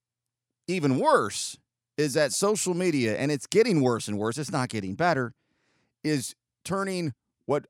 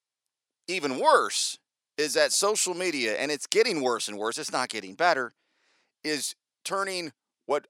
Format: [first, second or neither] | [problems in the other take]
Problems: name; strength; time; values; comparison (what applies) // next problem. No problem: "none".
first | thin; somewhat; fading below 450 Hz